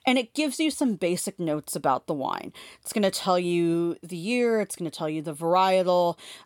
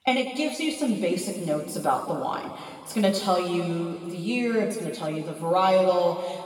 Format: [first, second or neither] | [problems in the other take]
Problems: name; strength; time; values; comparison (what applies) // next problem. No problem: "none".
first | room echo; noticeable; dies away in 1.9 s // off-mic speech; far